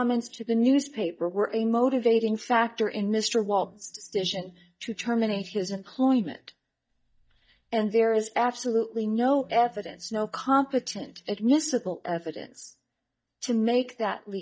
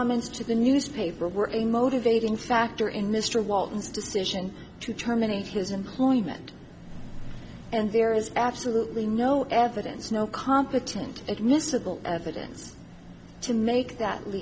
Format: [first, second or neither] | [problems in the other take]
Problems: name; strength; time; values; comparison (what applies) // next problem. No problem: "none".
second | noise reduction (neural mask model DeepFilterNet 3)